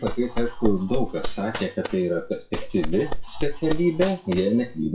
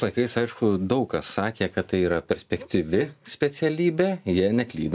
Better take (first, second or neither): second